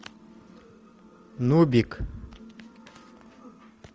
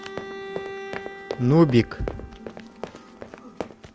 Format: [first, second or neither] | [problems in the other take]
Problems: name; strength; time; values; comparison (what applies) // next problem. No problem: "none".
first | background sound (Run + Bowed string instrument); 10 dB below the speech